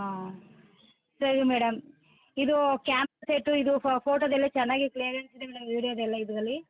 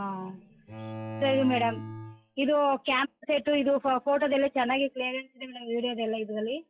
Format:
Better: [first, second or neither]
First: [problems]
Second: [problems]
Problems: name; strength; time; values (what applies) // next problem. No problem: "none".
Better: first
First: none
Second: noise reduction (classical method log-MMSE)